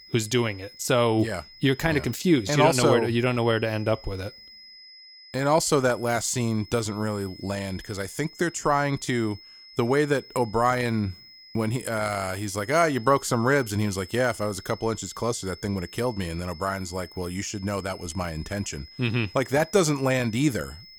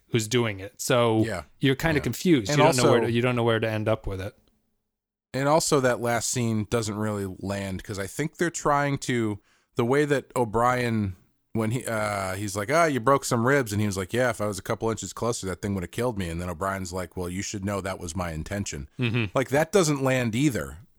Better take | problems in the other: second | high-pitched whine; noticeable; throughout; 5 kHz, 20 dB below the speech

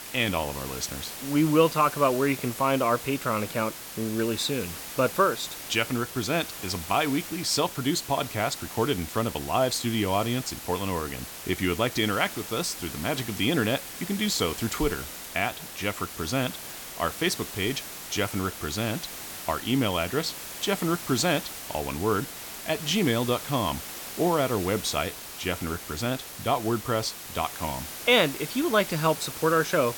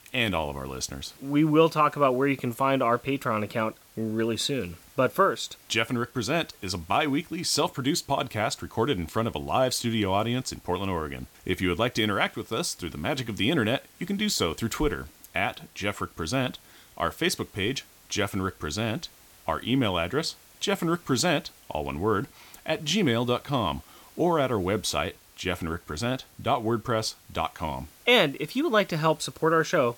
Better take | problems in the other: second | hiss; loud; throughout; 9 dB below the speech; faint in the second

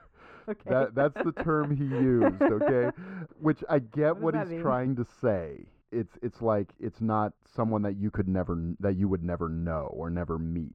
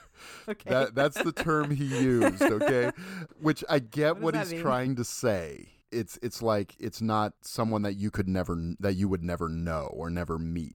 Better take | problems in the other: second | muffled; very; fading above 4 kHz

